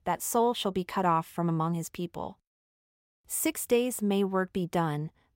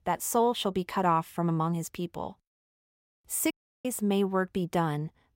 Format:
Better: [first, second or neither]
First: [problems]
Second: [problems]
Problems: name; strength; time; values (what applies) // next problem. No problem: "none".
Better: first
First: none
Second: audio cutting out; at 3.5 s